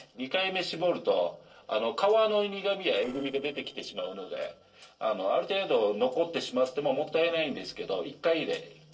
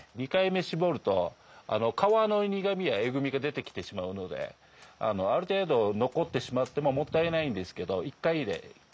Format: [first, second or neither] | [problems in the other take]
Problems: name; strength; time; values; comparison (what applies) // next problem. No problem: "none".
second | noise reduction (neural separator model SepFormer DNS4)